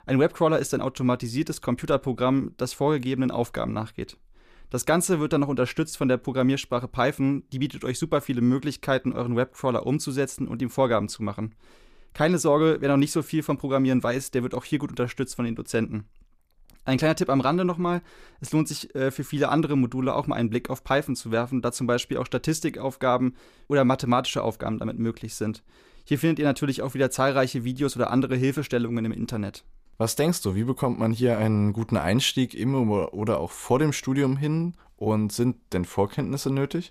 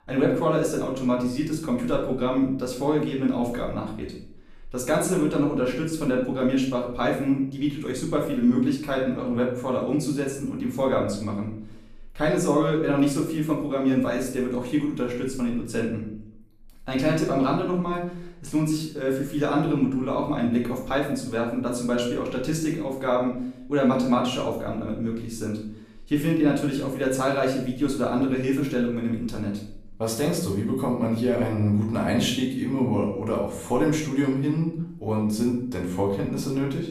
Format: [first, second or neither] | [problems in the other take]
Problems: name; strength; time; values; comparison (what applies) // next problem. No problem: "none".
first | room echo; noticeable; dies away in 0.6 s // off-mic speech; far